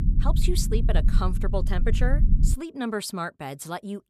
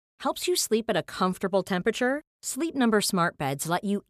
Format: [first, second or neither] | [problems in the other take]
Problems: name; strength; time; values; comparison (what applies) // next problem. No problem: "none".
second | low rumble; loud; until 2.5 s; 9 dB below the speech